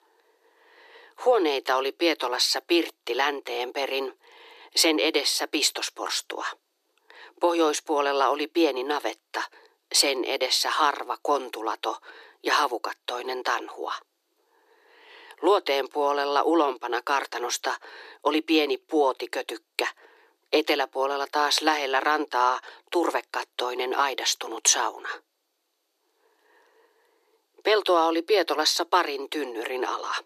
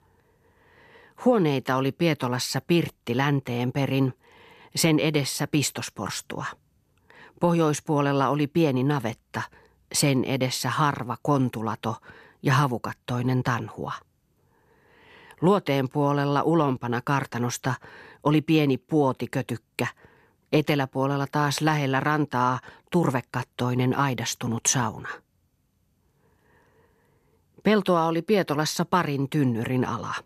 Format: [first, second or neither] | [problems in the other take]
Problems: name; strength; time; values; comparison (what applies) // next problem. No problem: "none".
second | thin; very; fading below 300 Hz